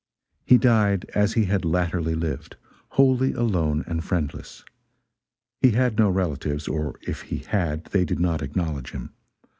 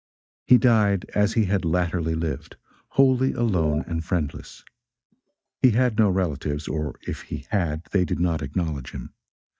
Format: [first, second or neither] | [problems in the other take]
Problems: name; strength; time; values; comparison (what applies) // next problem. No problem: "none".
first | noise reduction (neural mask model DeepFilterNet 3)